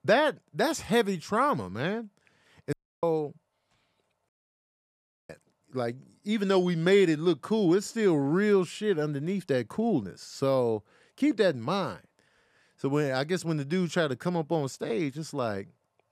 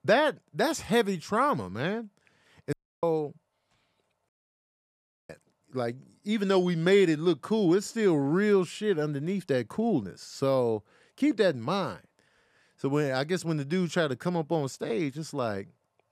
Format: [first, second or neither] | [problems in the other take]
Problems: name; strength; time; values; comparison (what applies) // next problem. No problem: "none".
neither | audio cutting out; at 2.5 s and at 4.5 s for 1 s; the same in both